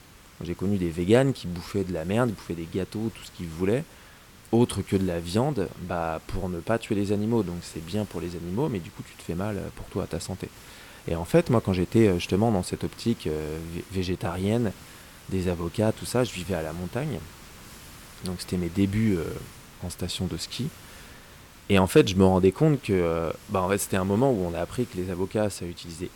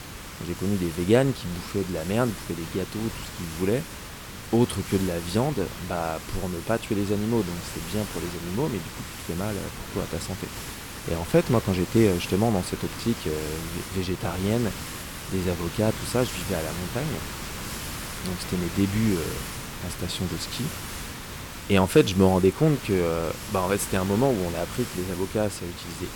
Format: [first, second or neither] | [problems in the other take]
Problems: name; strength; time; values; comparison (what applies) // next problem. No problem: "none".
first | hiss; loud; throughout; 9 dB below the speech; faint in the first